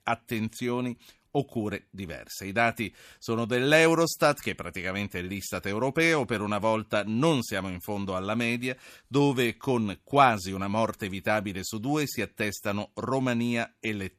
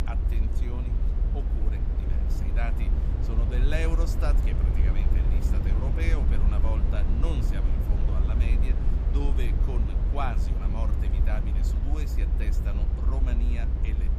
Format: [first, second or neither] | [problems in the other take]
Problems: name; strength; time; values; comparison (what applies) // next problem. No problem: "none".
first | low rumble; loud; throughout; 3 dB below the speech